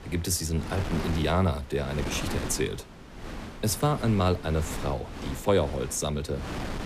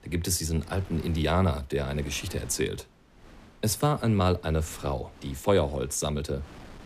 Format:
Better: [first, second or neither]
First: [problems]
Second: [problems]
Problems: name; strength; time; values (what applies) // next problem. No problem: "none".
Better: second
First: wind noise on the microphone; heavy; 9 dB below the speech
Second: wind noise on the microphone; occasional gusts; 20 dB below the speech